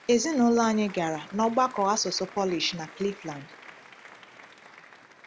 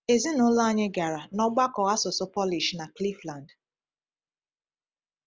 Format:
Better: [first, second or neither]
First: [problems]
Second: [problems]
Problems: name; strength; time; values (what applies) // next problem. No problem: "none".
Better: second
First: background sound (Applause); 20 dB below the speech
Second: none